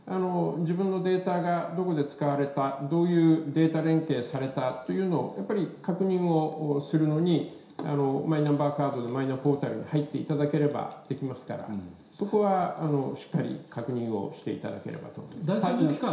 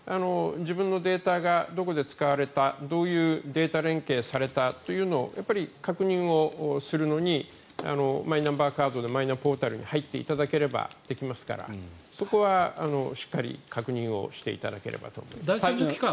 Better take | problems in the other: second | room echo; dies away in 0.7 s

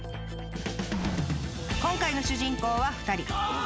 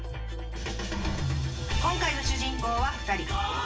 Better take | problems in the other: first | room echo; dies away in 0.2 s

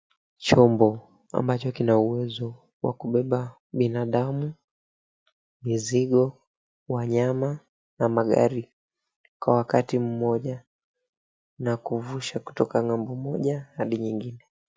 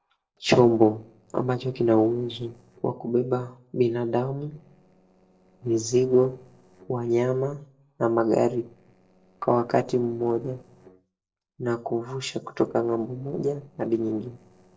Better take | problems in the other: first | noise reduction (neural separator model SepFormer DNS4)

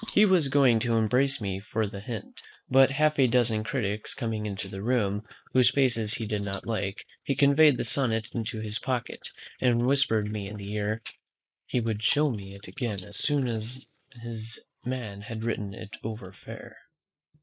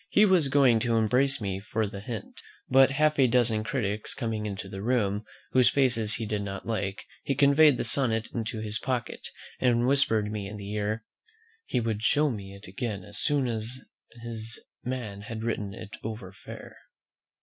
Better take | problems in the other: second | noise reduction (neural mask model Resemble Enhance denoiser)

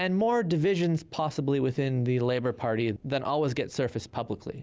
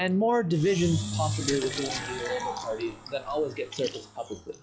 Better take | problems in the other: first | noise reduction (classical method log-MMSE)

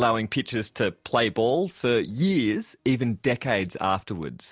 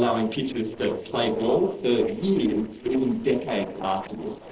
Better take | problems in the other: first | noise reduction (neural separator model SepFormer DNS4)

